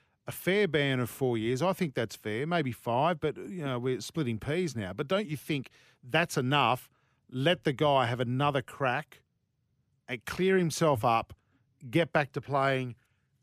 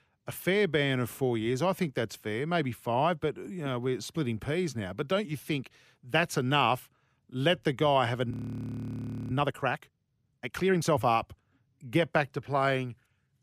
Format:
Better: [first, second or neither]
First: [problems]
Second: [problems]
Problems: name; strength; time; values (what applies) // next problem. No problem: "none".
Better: first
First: none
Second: audio freezing; at 8.5 s for 1 s